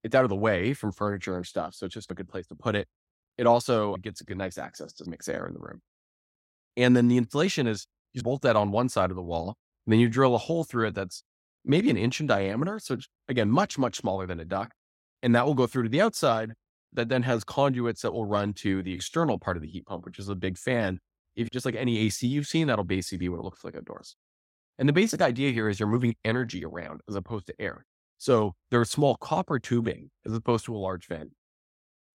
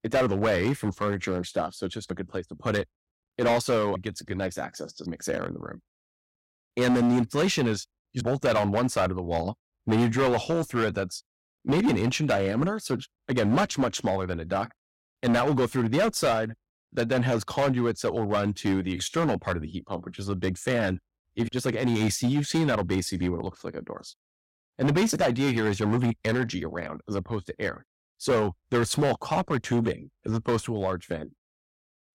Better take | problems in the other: first | distortion; heavy; 8% of the sound clipped

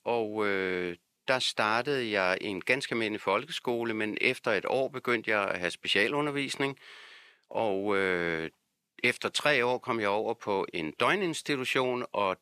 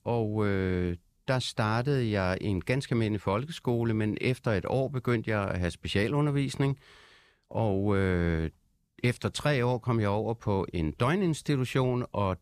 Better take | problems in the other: second | thin; somewhat; fading below 350 Hz

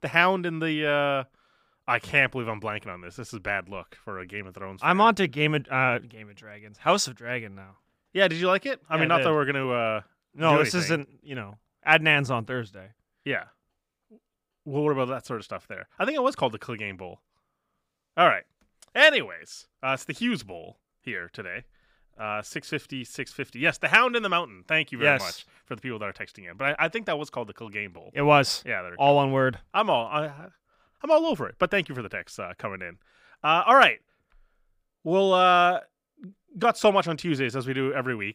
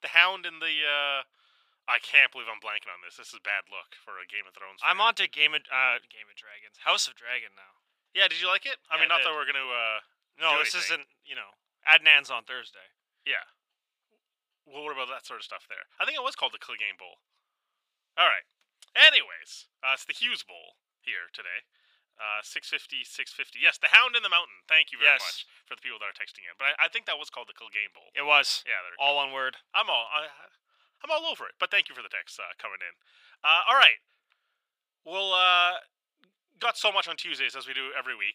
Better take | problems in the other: first | thin; very; fading below 850 Hz

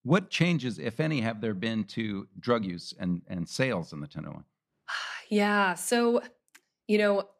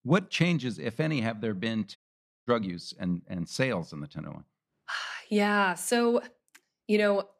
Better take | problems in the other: first | audio cutting out; at 2 s for 0.5 s

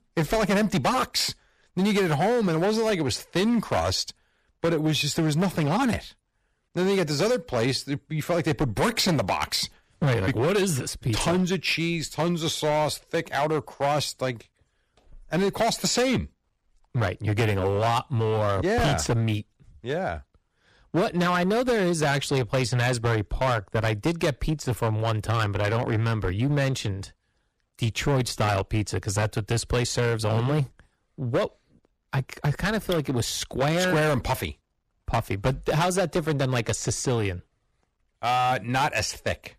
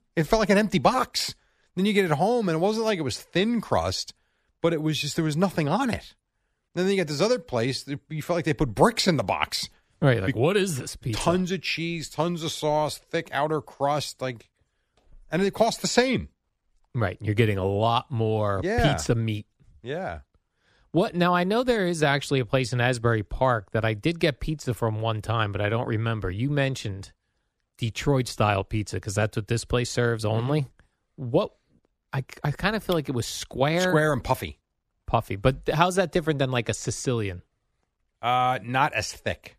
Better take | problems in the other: second | distortion; heavy; 11% of the sound clipped

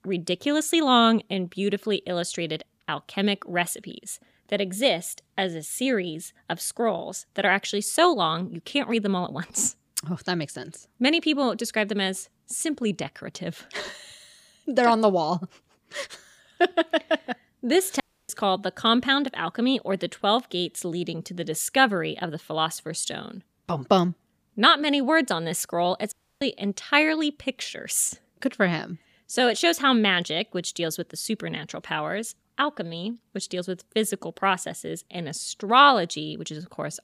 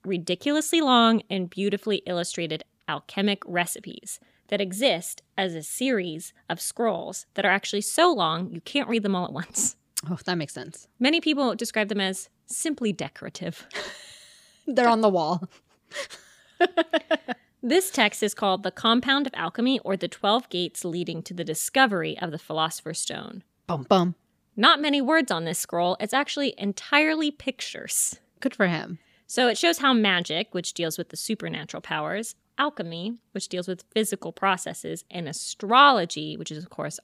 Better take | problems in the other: second | audio cutting out; at 18 s and at 26 s

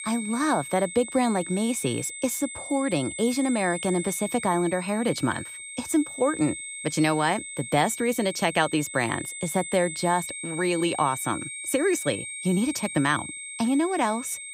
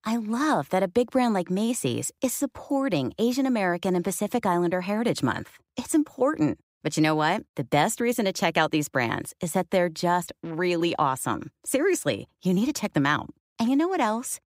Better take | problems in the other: second | high-pitched whine; loud; throughout; 8.5 kHz, 8 dB below the speech

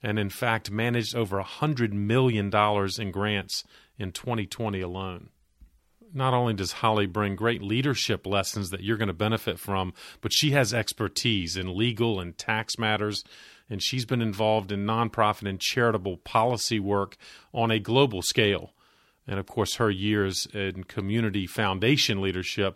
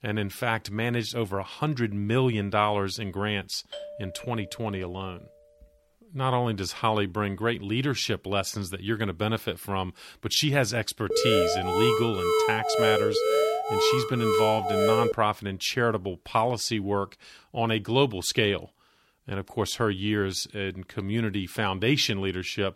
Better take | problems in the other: first | doorbell; faint; from 3.5 to 5.5 s; peak 10 dB below the speech // alarm; loud; from 11 to 15 s; peak 4 dB above the speech

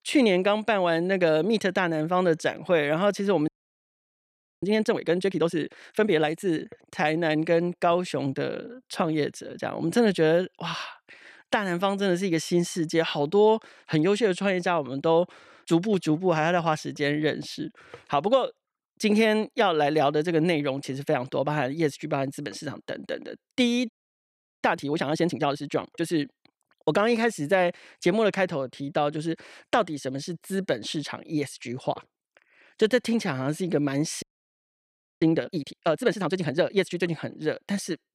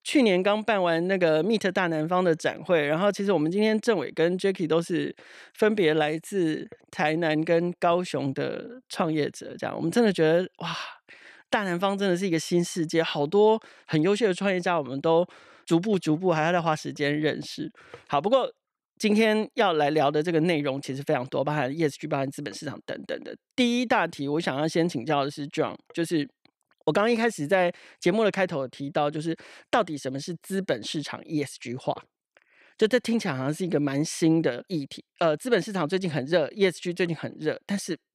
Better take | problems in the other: second | audio freezing; at 3.5 s for 1 s, at 24 s for 0.5 s and at 34 s for 1 s

